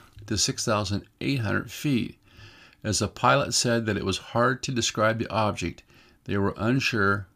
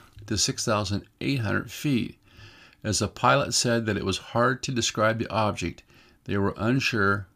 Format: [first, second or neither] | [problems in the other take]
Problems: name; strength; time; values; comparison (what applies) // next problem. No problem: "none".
neither | none